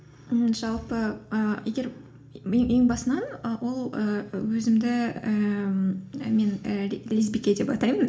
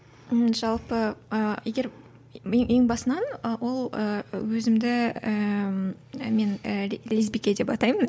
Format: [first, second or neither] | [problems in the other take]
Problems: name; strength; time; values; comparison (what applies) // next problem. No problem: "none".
second | room echo; dies away in 0.4 s